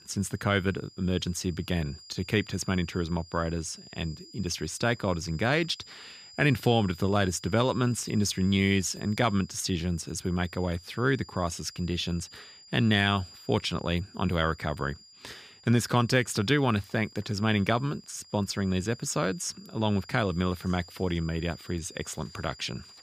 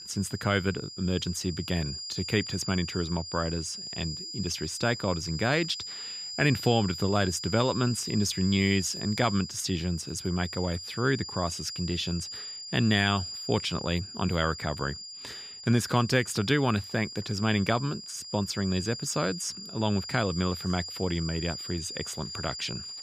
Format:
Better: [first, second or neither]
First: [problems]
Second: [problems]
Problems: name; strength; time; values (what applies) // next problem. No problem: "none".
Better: first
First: high-pitched whine; faint; throughout; 5 kHz, 20 dB below the speech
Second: high-pitched whine; loud; throughout; 5 kHz, 8 dB below the speech